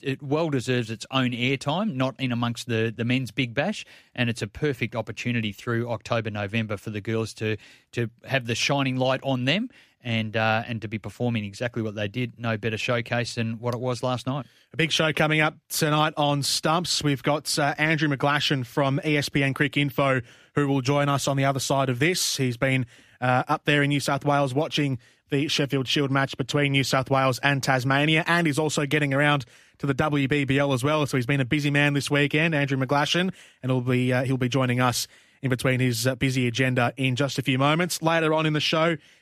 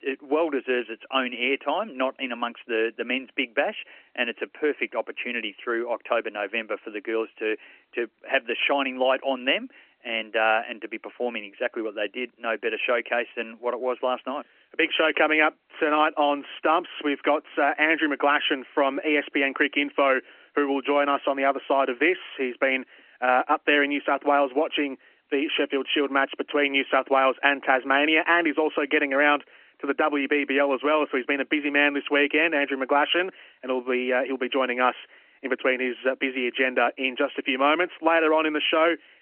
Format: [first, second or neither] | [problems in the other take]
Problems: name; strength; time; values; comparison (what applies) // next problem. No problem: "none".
first | phone-call audio; nothing above 3 kHz